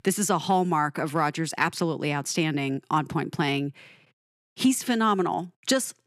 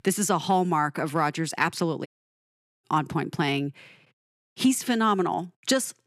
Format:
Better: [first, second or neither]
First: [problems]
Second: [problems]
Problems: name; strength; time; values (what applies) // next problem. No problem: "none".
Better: first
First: none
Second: audio cutting out; at 2 s for 1 s